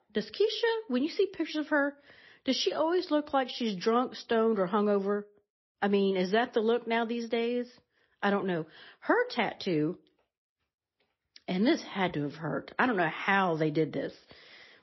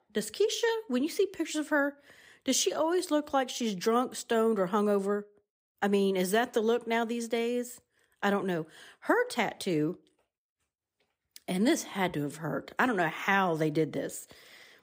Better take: second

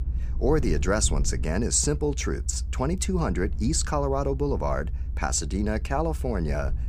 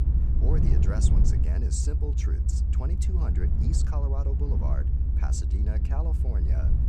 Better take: first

